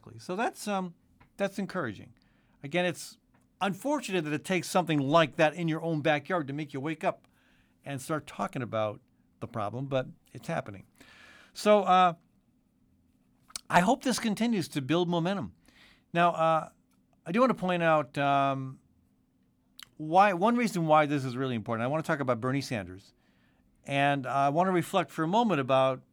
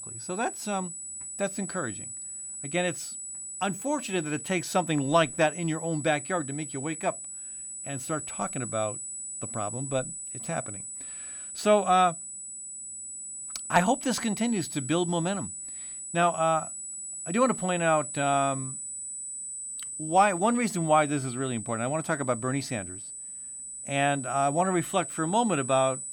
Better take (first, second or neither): first